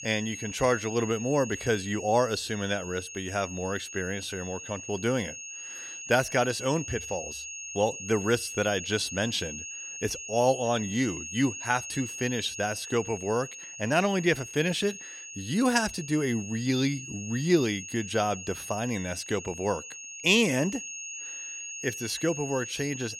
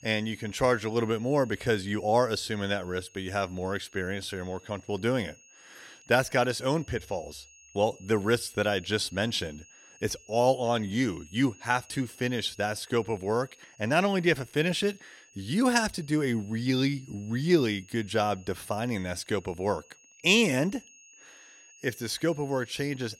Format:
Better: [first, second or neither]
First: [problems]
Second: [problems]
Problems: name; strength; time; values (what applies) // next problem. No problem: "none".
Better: second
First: high-pitched whine; loud; throughout; 6.5 kHz, 9 dB below the speech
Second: high-pitched whine; faint; throughout; 6.5 kHz, 25 dB below the speech